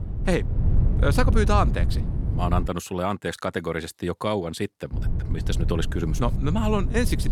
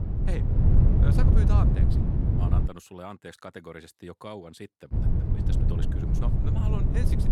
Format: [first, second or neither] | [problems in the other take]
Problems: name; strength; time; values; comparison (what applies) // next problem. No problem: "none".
first | wind noise on the microphone; heavy; until 2.5 s and from 5 s on; 3 dB above the speech; occasional gusts in the first